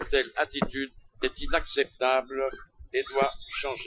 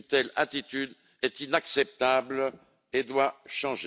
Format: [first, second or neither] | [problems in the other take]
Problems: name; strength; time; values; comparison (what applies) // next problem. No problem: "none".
second | noise reduction (classical method Wiener filter)